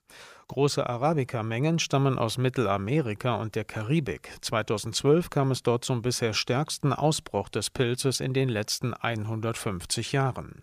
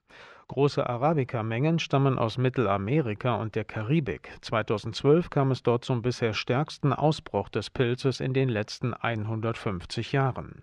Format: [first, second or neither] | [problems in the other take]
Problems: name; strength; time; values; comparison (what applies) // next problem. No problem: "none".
first | muffled; slightly; fading above 3 kHz